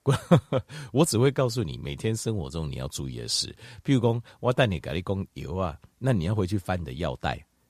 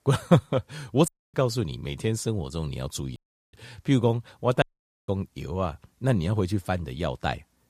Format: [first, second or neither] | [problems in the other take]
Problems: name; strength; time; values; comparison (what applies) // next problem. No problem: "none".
first | audio cutting out; at 1 s, at 3 s and at 4.5 s